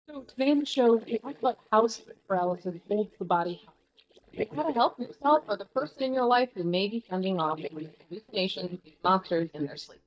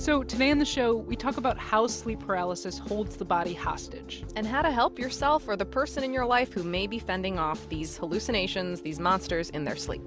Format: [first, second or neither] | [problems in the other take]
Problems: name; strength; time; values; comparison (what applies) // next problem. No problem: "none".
second | noise reduction (neural mask model DeepFilterNet 3)